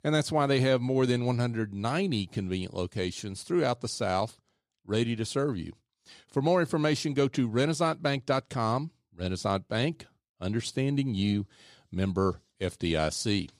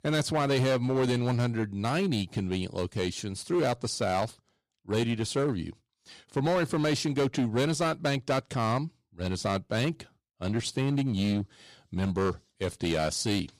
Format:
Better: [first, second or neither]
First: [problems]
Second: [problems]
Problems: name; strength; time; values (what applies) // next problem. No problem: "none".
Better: first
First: none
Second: distortion; slight; 9% of the sound clipped